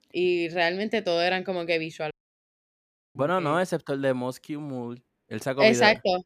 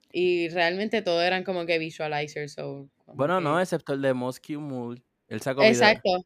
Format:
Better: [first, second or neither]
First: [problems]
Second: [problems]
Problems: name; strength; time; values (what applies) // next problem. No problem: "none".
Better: second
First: audio cutting out; at 2 s for 1 s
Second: none